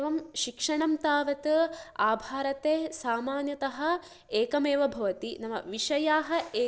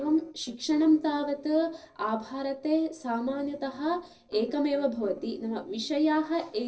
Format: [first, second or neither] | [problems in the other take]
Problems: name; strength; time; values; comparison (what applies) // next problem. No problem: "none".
first | noise reduction (neural separator model SepFormer DNS4)